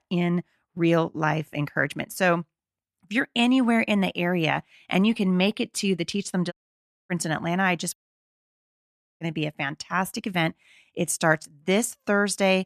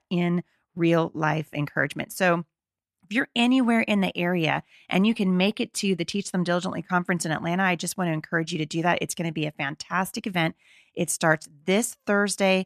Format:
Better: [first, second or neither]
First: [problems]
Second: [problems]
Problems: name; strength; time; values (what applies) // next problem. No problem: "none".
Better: second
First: audio cutting out; at 6.5 s for 0.5 s and at 8 s for 1.5 s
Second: none